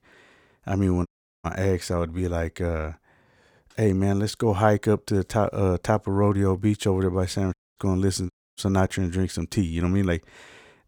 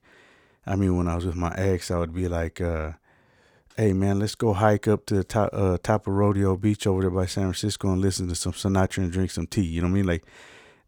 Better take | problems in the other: second | audio cutting out; at 1 s, at 7.5 s and at 8.5 s

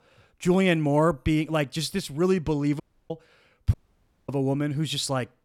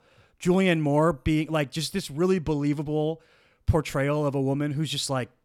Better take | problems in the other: second | audio cutting out; at 3 s and at 3.5 s for 0.5 s

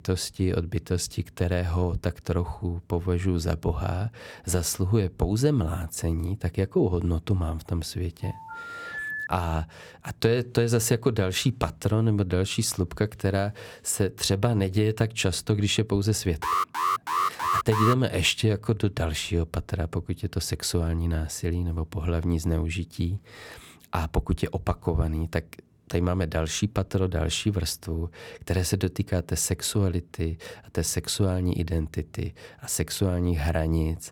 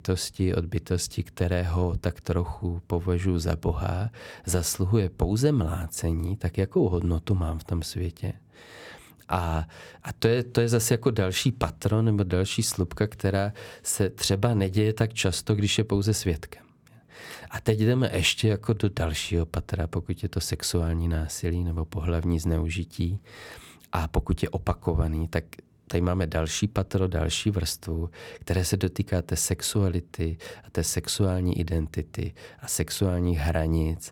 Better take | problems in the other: second | phone ringing; noticeable; from 8 to 9.5 s; peak 4 dB below the speech // alarm; loud; from 16 to 18 s; peak 2 dB above the speech

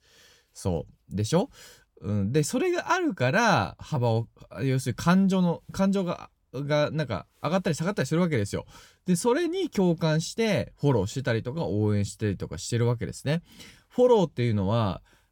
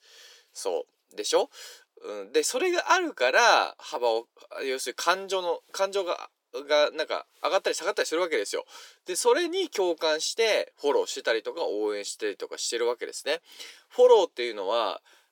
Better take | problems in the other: first | thin; very; fading below 350 Hz

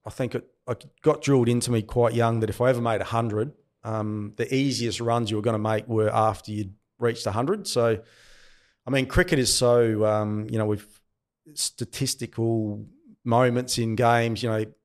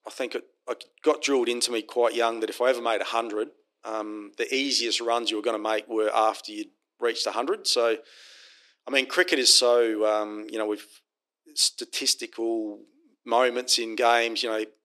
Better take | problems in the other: first | thin; somewhat; fading below 300 Hz

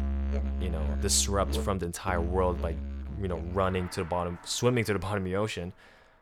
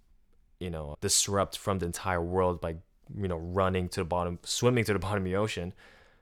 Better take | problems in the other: second | background music; loud; throughout; 5 dB below the speech

